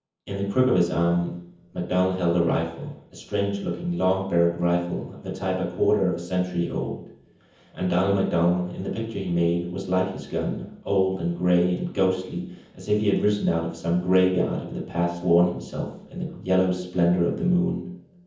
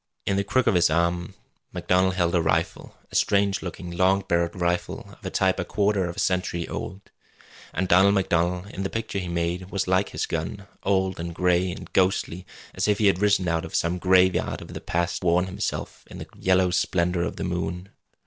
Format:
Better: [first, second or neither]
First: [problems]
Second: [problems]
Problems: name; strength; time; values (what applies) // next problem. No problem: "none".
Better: second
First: room echo; dies away in 0.7 s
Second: none